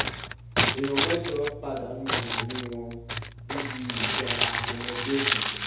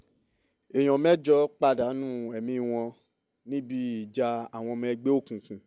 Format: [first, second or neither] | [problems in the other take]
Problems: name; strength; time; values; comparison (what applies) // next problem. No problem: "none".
second | background sound (Crumpling, crinkling); 4 dB above the speech // room echo; dies away in 0.8 s